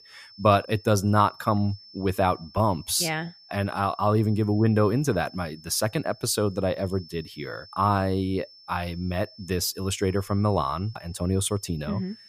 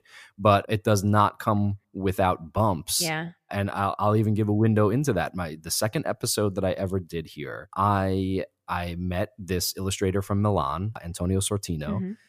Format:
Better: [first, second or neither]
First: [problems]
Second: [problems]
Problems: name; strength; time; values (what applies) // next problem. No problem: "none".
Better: second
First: high-pitched whine; faint; throughout; 5.5 kHz, 20 dB below the speech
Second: none